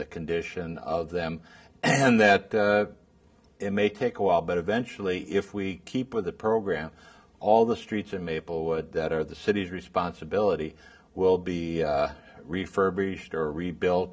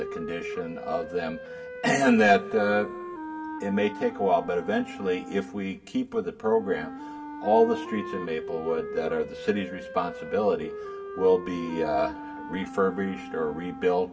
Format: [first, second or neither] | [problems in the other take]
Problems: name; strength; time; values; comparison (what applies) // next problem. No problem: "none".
first | background sound (Wind instrument, woodwind instrument); 11 dB below the speech // room echo; dies away in 1.1 s